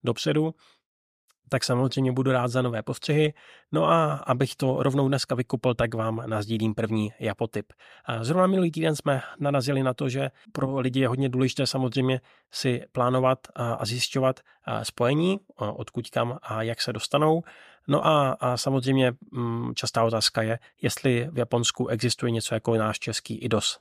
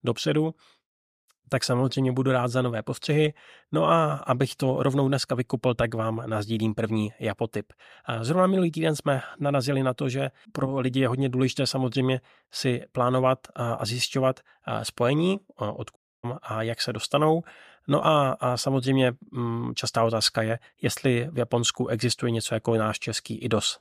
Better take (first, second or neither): first